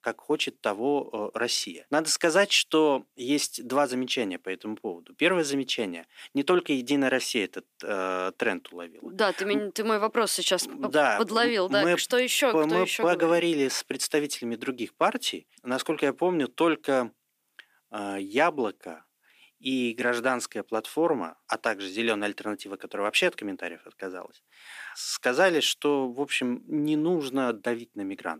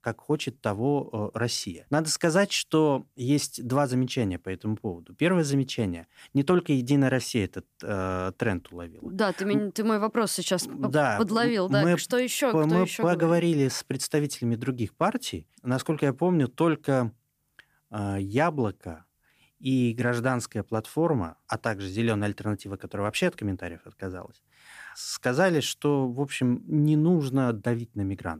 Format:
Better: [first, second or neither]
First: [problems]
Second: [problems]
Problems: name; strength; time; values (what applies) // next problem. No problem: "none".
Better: second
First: thin; very slightly; fading below 300 Hz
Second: none